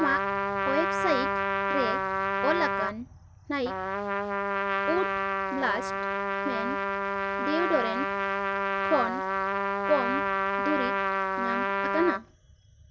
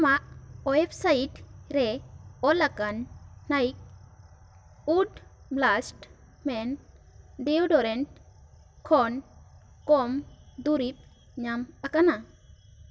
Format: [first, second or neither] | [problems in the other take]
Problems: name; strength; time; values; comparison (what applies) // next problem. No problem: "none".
second | background sound (Trumpet); 3 dB above the speech